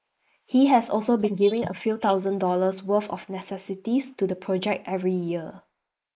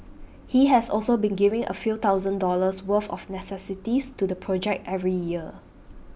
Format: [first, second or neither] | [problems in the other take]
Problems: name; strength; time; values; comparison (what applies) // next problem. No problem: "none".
second | noise reduction (neural mask model Resemble Enhance denoiser)